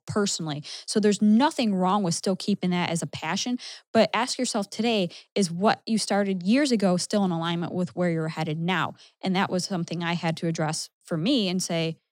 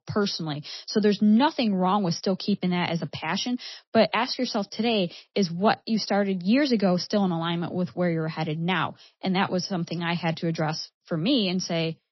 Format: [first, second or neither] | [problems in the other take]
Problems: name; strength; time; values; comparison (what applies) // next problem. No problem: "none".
first | garbled, watery; slightly; nothing above 5.5 kHz